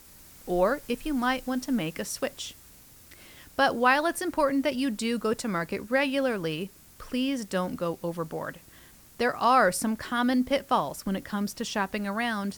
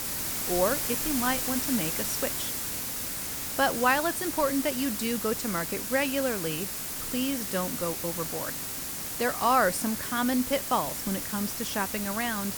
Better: first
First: hiss; faint; throughout; 25 dB below the speech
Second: hiss; loud; throughout; 1 dB below the speech

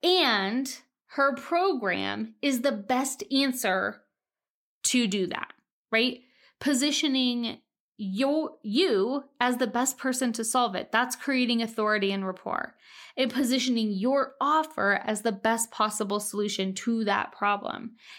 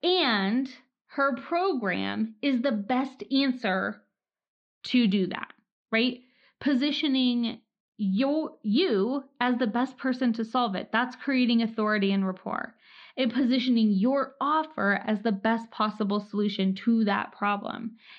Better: first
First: none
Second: muffled; very slightly; fading above 4 kHz

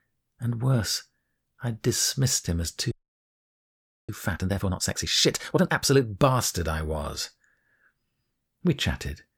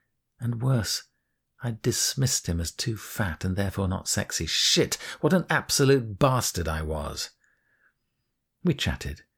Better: second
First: audio freezing; at 3 s for 1 s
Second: none

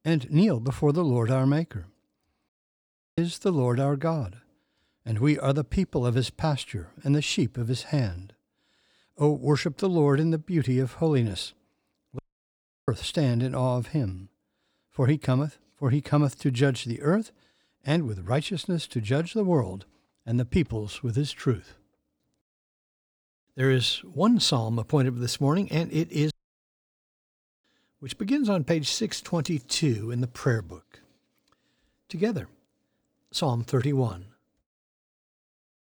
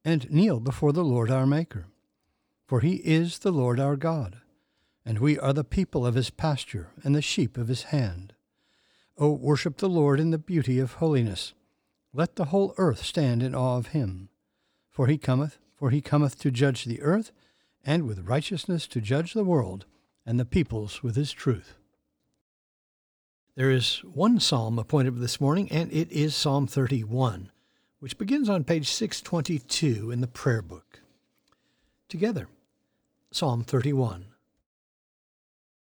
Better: second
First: audio cutting out; at 2.5 s for 0.5 s, at 12 s for 0.5 s and at 26 s for 1.5 s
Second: none

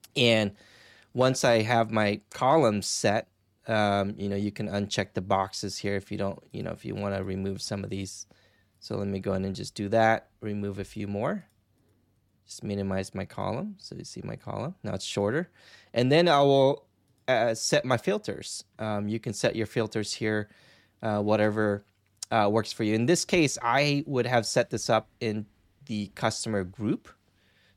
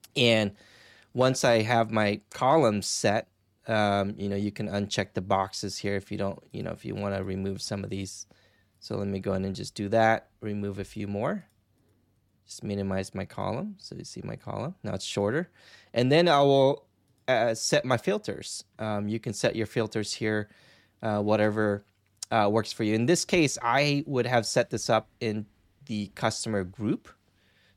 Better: neither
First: none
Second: none

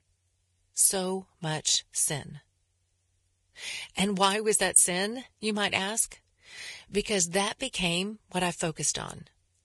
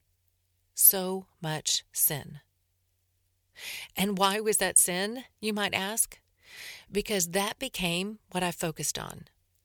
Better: second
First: garbled, watery; badly; nothing above 11.5 kHz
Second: none

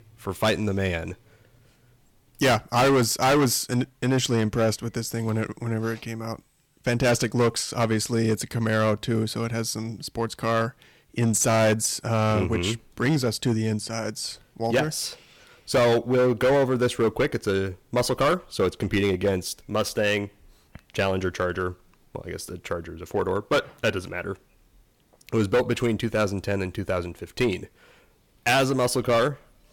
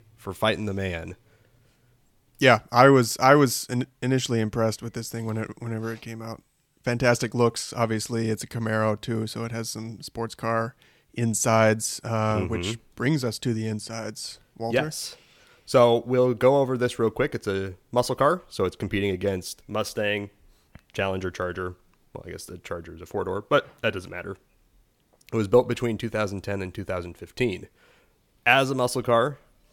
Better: second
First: distortion; heavy; 7% of the sound clipped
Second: none

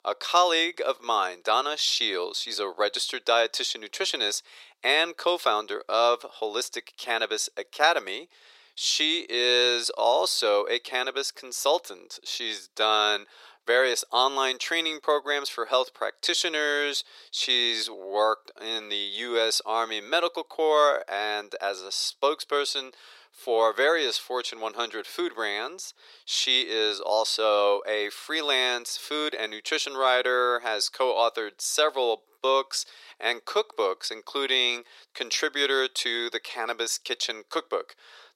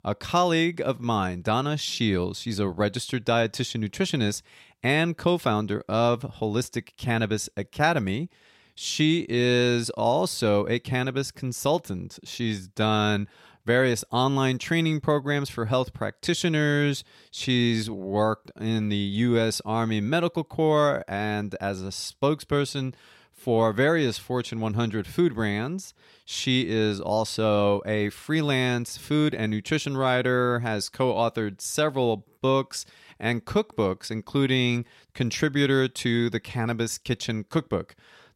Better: second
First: thin; very; fading below 400 Hz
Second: none

